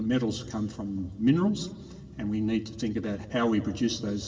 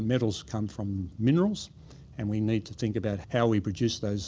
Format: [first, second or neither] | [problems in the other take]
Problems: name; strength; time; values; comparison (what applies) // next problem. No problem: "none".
second | room echo; dies away in 2.7 s